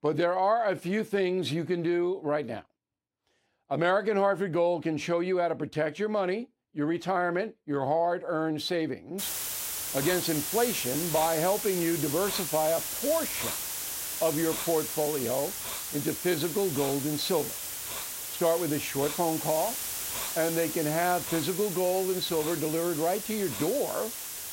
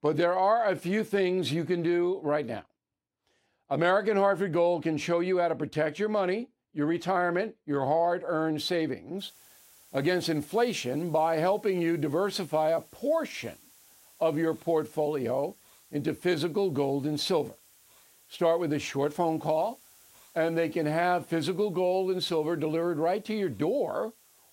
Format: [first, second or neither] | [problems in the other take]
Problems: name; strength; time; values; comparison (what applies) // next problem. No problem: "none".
second | hiss; loud; from 9 s on; 3 dB below the speech; faint in the second